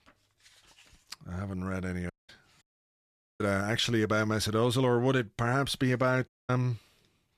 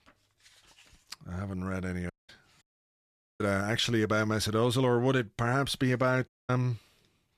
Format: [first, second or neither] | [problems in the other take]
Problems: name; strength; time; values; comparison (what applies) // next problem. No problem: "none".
neither | audio cutting out; at 2 s, at 2.5 s for 1 s and at 6.5 s; the same in both